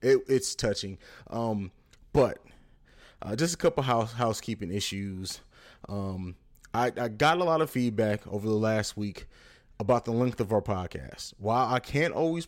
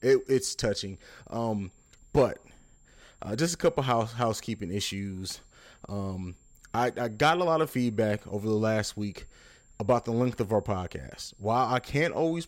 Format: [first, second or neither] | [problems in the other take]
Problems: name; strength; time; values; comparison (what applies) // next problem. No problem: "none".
first | high-pitched whine; faint; throughout; 7.5 kHz, 35 dB below the speech